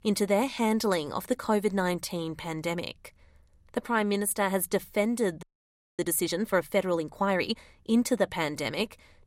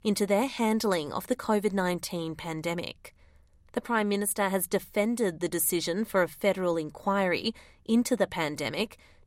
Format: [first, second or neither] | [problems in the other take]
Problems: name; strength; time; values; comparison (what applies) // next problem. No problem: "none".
second | audio freezing; at 5.5 s for 0.5 s